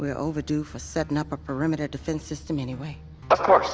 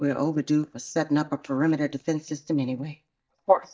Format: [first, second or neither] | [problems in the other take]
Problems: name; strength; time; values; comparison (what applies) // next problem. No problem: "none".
first | noise reduction (neural mask model DeepFilterNet 3)